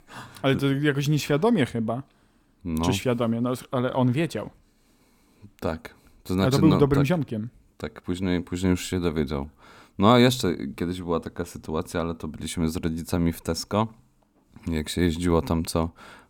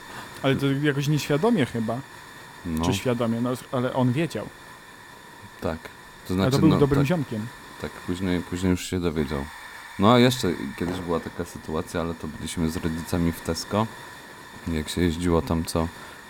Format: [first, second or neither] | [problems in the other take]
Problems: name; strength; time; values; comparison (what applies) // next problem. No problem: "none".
first | hiss; noticeable; throughout; 15 dB below the speech